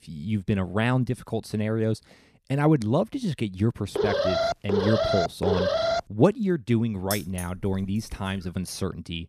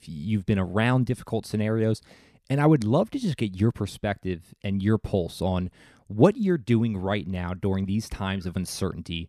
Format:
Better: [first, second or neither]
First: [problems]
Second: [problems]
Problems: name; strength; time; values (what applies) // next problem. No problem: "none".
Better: second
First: alarm; loud; from 4 to 6 s; peak 2 dB above the speech // jangling keys; noticeable; at 7 s; peak 6 dB below the speech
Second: none